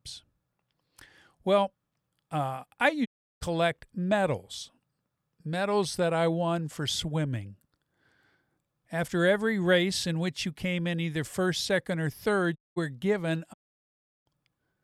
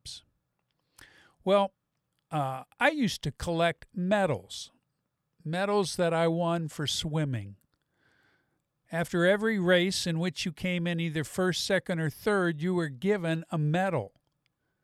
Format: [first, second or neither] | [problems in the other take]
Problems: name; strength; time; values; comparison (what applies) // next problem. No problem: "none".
second | audio cutting out; at 3 s, at 13 s and at 14 s for 0.5 s